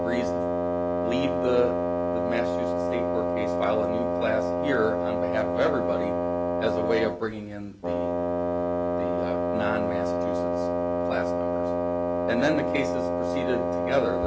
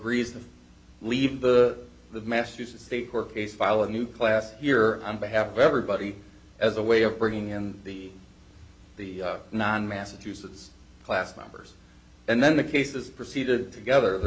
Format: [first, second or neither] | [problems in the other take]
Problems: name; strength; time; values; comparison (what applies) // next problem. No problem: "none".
second | background sound (Wind instrument, woodwind instrument); 5 dB above the speech